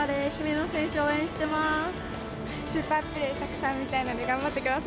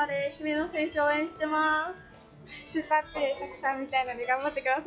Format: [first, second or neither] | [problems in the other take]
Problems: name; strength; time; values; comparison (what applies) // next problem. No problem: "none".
first | noise reduction (classical method log-MMSE)